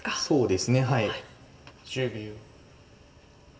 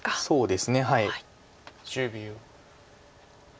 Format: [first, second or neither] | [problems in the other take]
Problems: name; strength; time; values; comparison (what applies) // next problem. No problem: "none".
second | room echo; dies away in 1.9 s